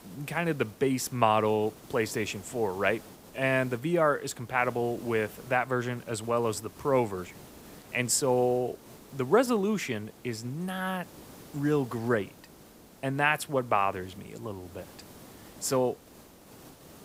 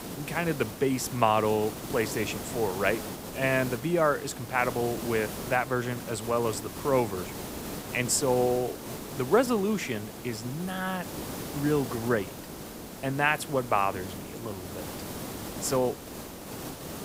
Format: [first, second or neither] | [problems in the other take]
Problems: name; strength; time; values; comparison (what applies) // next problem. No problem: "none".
first | hiss; loud; throughout; 10 dB below the speech; faint in the first